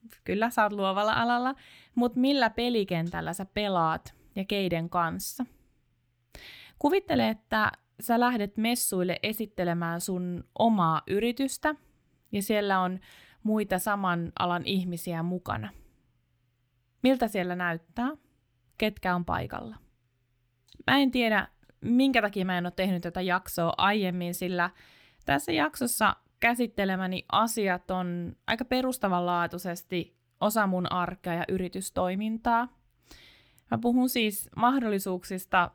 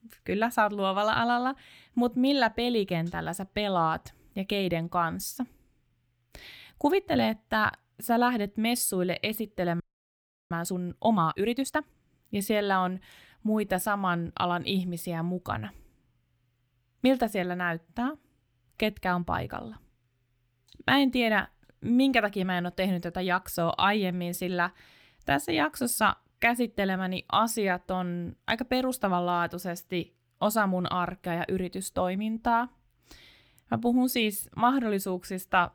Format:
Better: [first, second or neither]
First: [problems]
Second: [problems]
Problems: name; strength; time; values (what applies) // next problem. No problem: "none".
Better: first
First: none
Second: audio freezing; at 10 s for 0.5 s